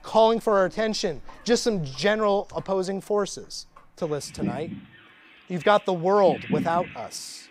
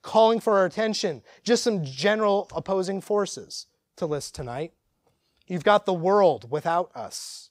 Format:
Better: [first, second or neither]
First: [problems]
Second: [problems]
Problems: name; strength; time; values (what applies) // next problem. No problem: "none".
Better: second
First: animal sounds; loud; throughout; 10 dB below the speech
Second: none